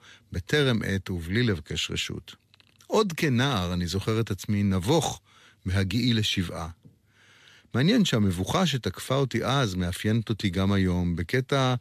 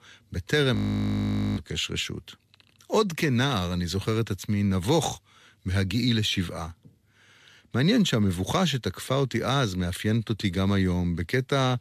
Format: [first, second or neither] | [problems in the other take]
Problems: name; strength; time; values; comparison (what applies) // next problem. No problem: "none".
first | audio freezing; at 1 s for 1 s